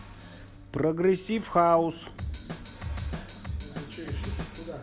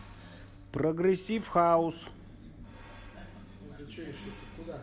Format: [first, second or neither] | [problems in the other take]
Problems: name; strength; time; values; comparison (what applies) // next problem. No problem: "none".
second | background sound (Drum kit); 6 dB below the speech